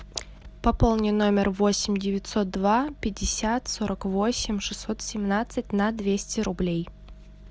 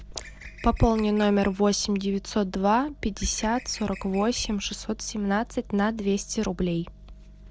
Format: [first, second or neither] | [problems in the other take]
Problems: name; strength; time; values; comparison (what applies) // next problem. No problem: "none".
first | noise reduction (neural separator model SepFormer DNS4)